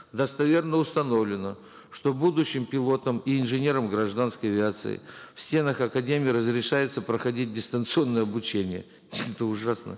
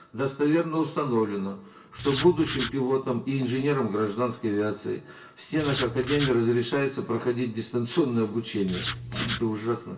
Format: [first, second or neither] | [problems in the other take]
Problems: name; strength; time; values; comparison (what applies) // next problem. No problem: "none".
first | background sound (Writing); 8 dB below the speech // room echo; dies away in 0.2 s